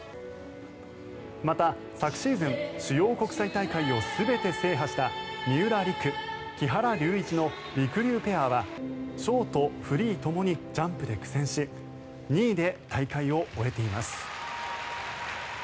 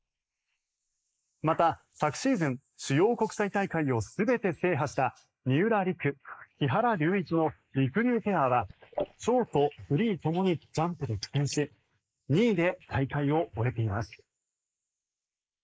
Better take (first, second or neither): first